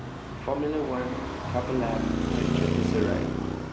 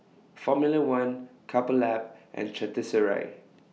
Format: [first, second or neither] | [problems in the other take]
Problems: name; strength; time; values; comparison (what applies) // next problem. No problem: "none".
second | background sound (Traffic noise, roadway noise); 4 dB above the speech